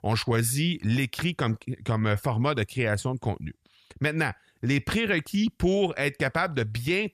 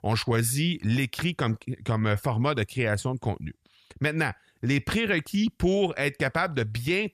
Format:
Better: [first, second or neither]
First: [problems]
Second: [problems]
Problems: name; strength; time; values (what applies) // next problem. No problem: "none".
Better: neither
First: none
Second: none